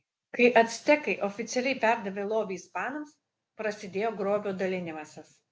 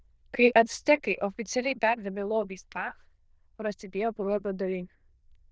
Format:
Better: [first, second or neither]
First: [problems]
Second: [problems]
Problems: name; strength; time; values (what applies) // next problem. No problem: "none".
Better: first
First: none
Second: noise reduction (neural diffusion model UNIVERSE++)